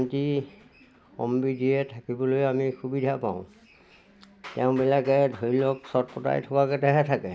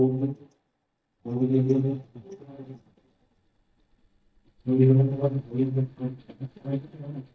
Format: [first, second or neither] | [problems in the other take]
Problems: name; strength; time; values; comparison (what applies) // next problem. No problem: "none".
first | noise reduction (neural mask model DeepFilterNet 3)